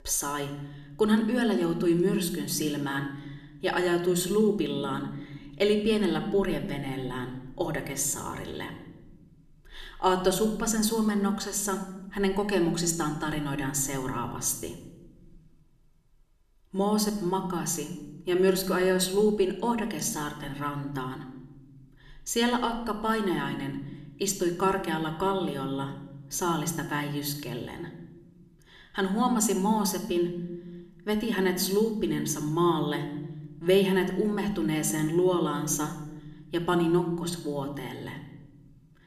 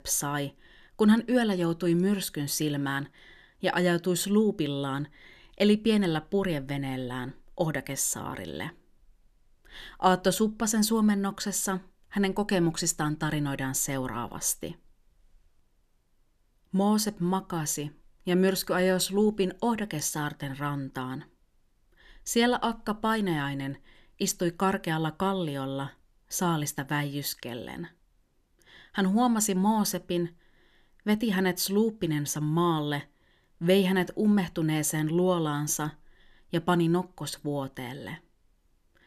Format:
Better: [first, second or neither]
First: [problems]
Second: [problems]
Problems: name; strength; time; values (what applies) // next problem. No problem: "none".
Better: second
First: room echo; slight; dies away in 0.9 s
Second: none